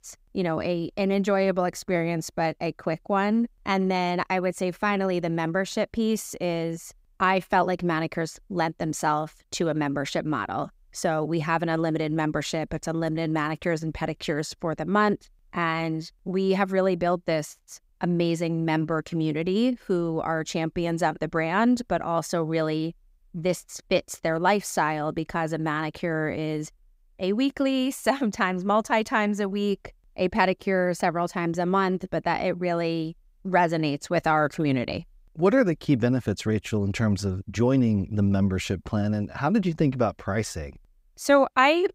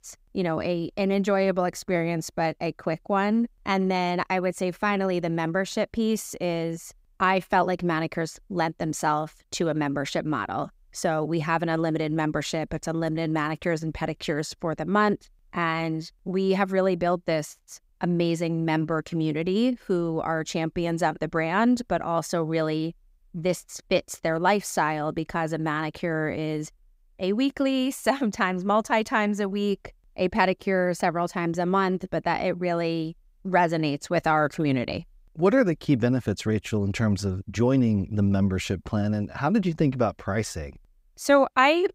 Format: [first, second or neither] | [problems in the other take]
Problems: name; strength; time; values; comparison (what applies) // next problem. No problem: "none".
neither | none